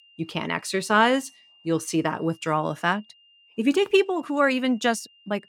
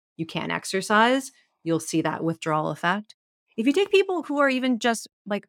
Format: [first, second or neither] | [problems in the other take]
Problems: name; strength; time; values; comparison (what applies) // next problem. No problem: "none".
second | high-pitched whine; faint; throughout; 3 kHz, 30 dB below the speech